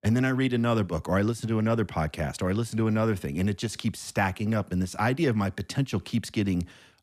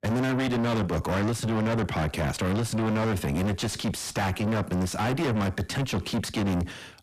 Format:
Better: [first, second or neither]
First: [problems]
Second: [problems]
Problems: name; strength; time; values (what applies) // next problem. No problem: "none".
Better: first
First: none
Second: distortion; heavy; 5 dB below the speech